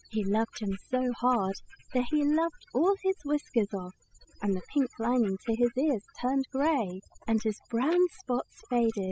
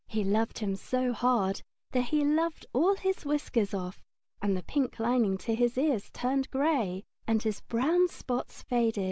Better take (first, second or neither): second